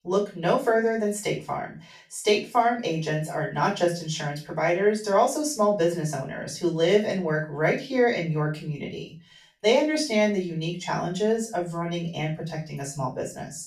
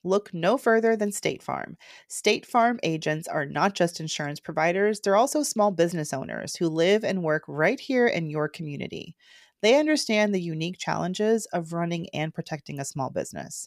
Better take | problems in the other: second | room echo; slight; dies away in 0.3 s // off-mic speech; far

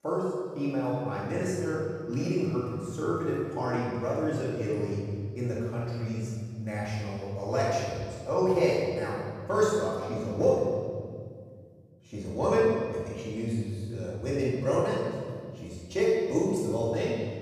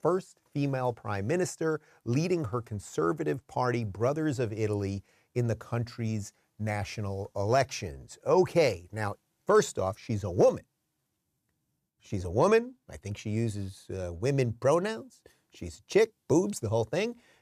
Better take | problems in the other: second | off-mic speech; far // room echo; strong; dies away in 1.9 s

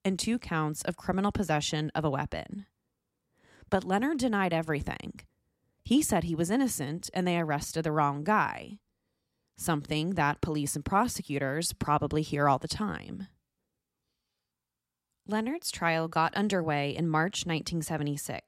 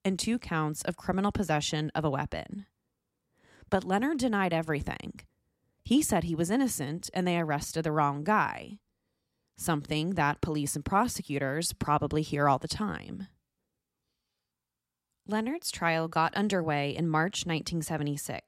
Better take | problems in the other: neither | none

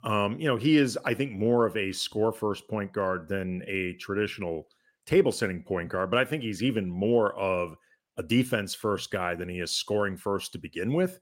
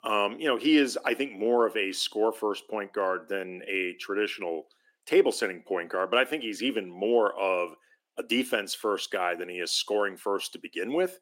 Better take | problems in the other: first | thin; very slightly; fading below 300 Hz

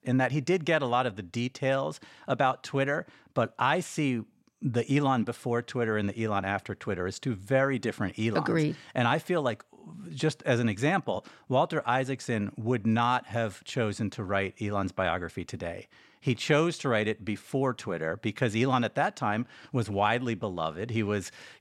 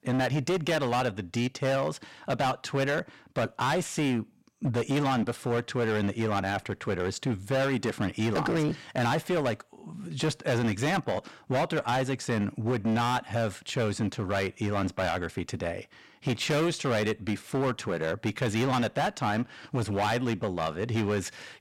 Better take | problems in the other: first | distortion; heavy; 17% of the sound clipped

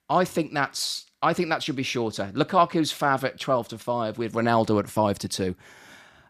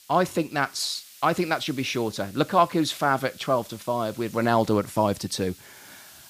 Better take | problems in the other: first | hiss; faint; throughout; 20 dB below the speech

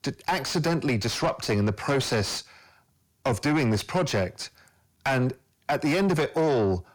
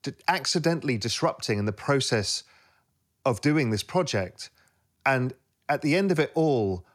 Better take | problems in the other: second | distortion; heavy; 7 dB below the speech

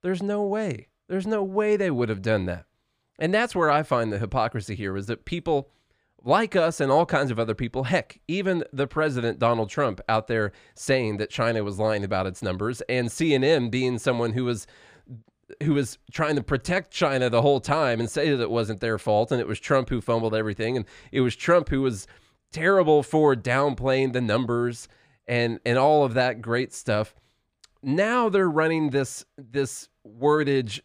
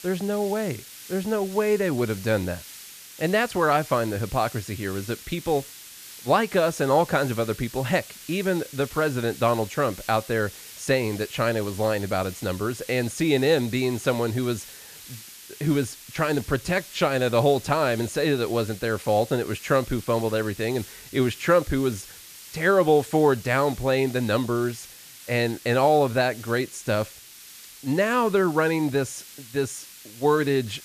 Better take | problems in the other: first | hiss; noticeable; throughout; 15 dB below the speech

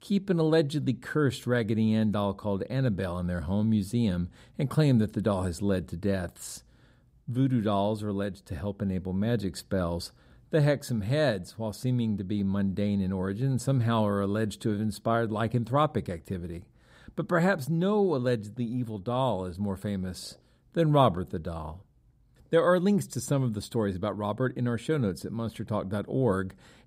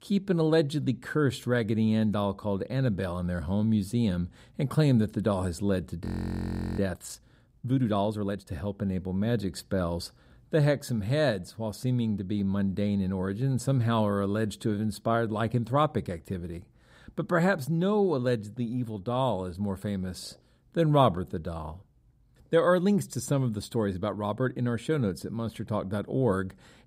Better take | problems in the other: first | audio freezing; at 6 s for 0.5 s

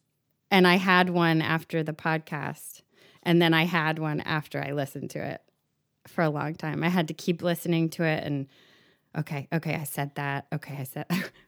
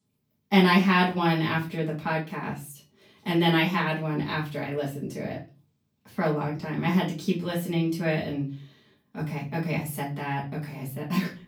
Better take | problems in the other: first | room echo; slight; dies away in 0.3 s // off-mic speech; far

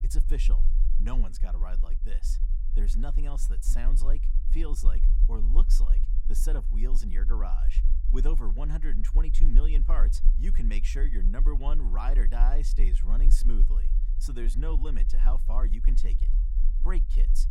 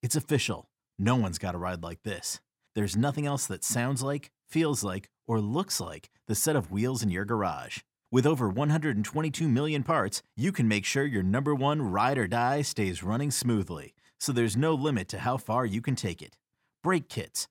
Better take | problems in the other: second | low rumble; noticeable; throughout; 10 dB below the speech

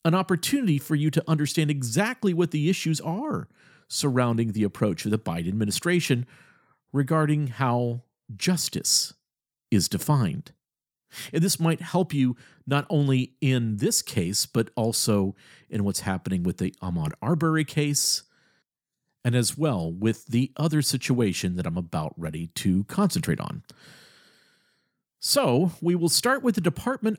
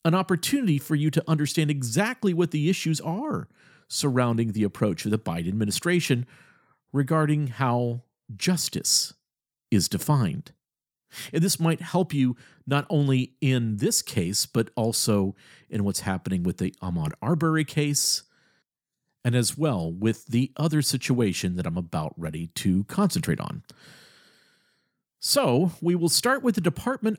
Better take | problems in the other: neither | none

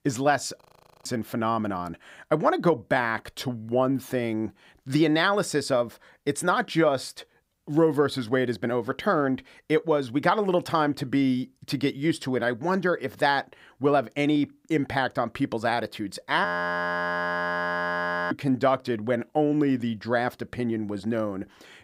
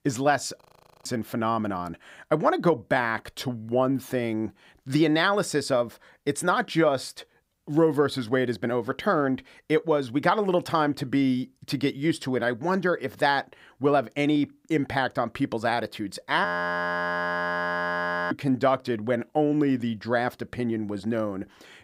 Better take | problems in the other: neither | audio freezing; at 0.5 s and at 16 s for 2 s; the same in both

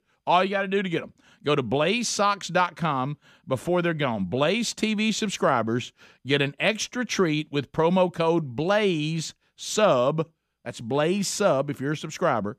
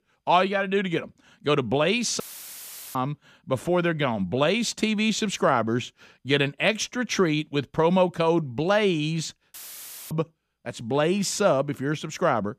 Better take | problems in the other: first | audio cutting out; filled with static; at 2 s for 1 s and at 9.5 s for 0.5 s

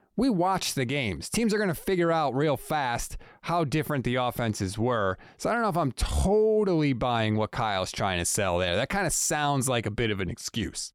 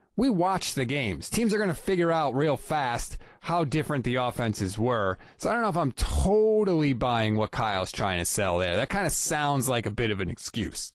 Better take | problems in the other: first | garbled, watery; slightly; nothing above 15.5 kHz

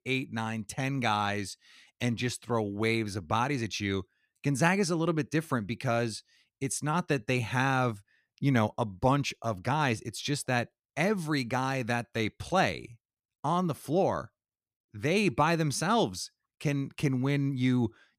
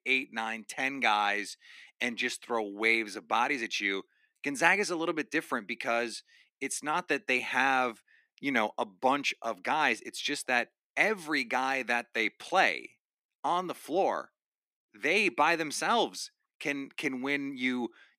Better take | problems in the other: first | thin; somewhat; fading below 250 Hz

